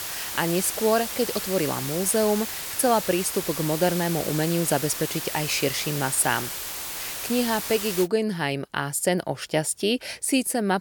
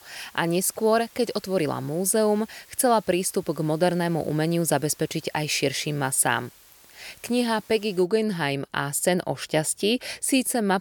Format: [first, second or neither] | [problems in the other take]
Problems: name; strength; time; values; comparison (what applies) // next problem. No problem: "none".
second | hiss; loud; until 8 s; 5 dB below the speech; faint in the second